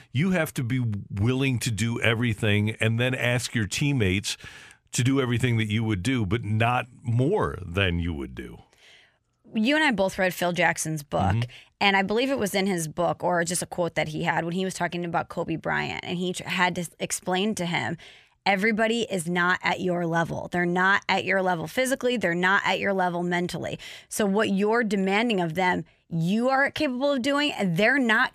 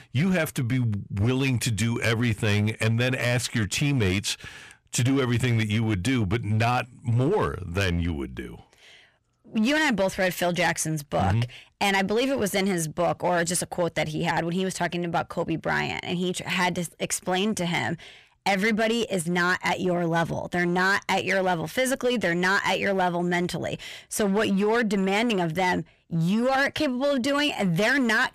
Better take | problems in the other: first | distortion; slight; 9% of the sound clipped

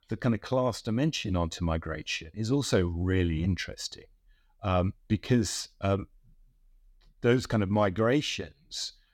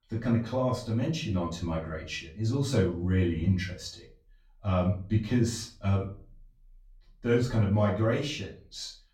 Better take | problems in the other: first | off-mic speech; far // room echo; slight; dies away in 0.3 s

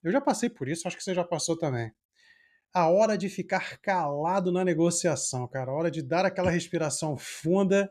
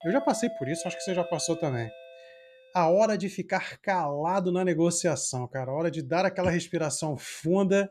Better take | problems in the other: first | doorbell; noticeable; until 2.5 s; peak 9 dB below the speech

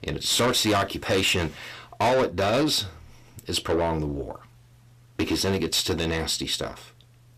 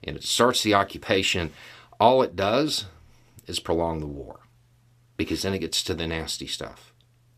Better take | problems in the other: second | distortion; heavy; 6 dB below the speech

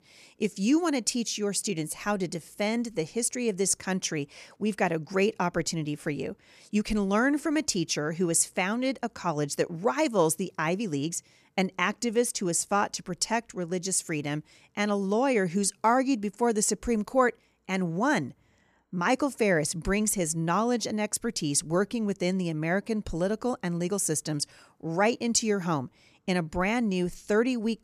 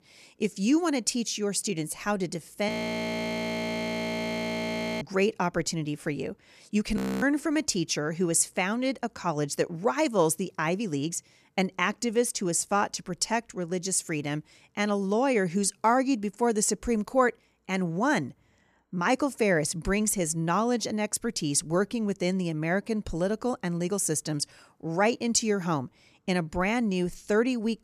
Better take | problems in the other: first | audio freezing; at 2.5 s for 2.5 s and at 7 s

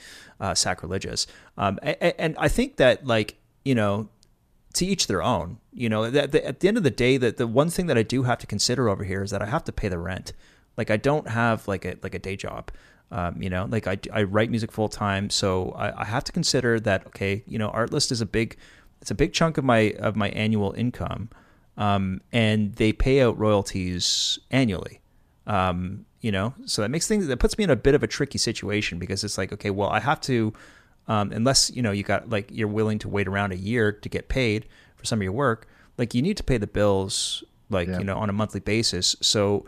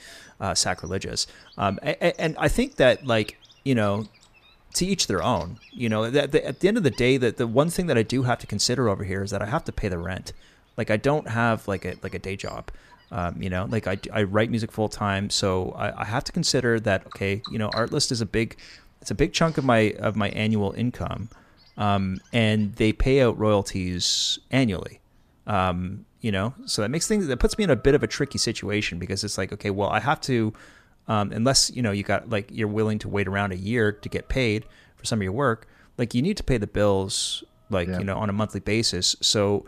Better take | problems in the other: first | animal sounds; faint; throughout; 25 dB below the speech

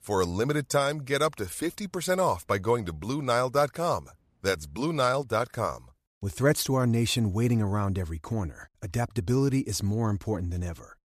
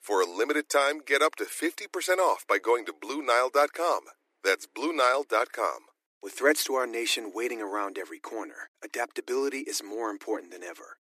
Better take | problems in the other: first | thin; very; fading below 300 Hz

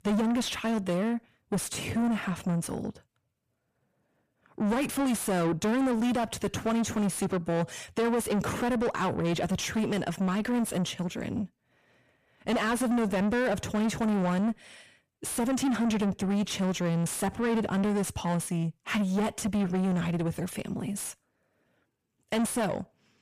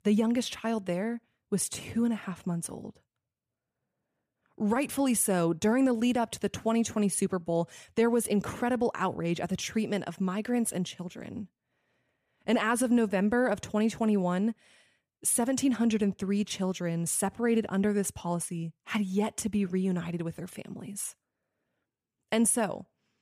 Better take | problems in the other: second | distortion; heavy; 7 dB below the speech

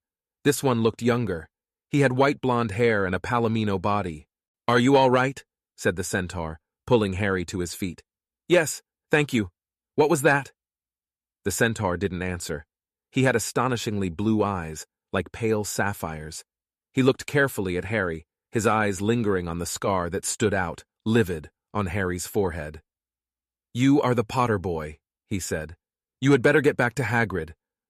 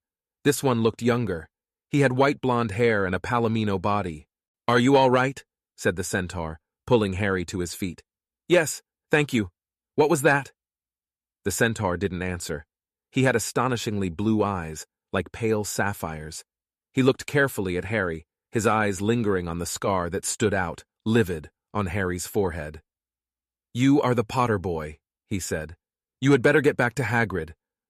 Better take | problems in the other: neither | none

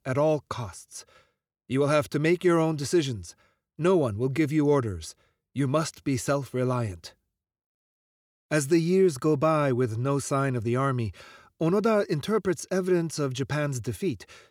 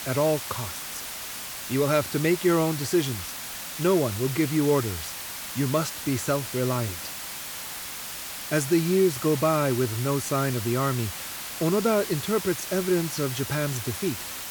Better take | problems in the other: first | hiss; loud; throughout; 7 dB below the speech

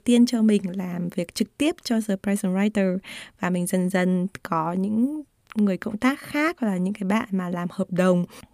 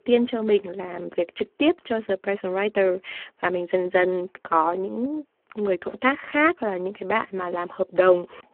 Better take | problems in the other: first | phone-call audio; poor line

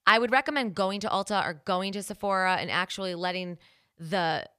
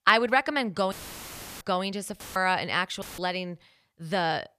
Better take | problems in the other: first | audio cutting out; filled with static; at 1 s for 0.5 s, at 2 s and at 3 s

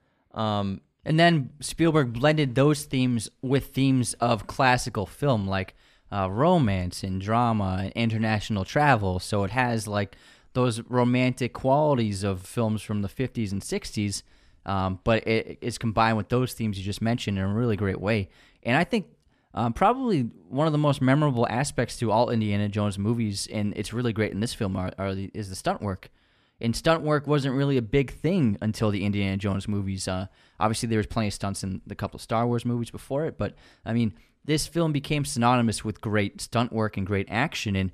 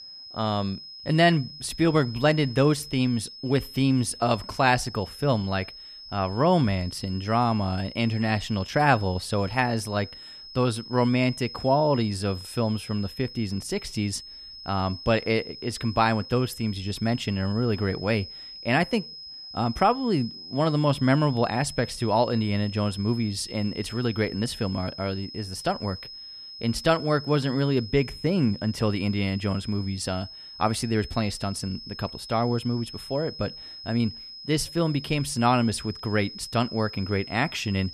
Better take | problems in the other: first | high-pitched whine; noticeable; throughout; 5 kHz, 15 dB below the speech

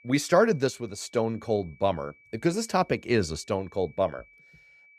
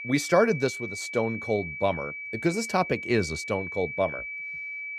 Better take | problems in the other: first | high-pitched whine; loud; throughout; 2.5 kHz, 7 dB below the speech; faint in the first

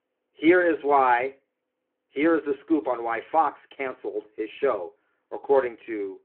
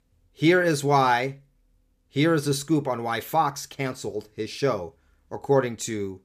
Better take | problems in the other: second | phone-call audio

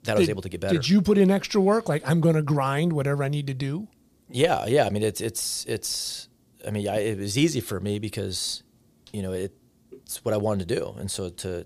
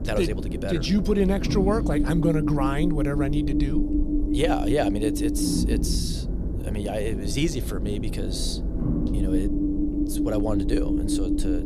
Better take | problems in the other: first | low rumble; loud; throughout; 2 dB below the speech

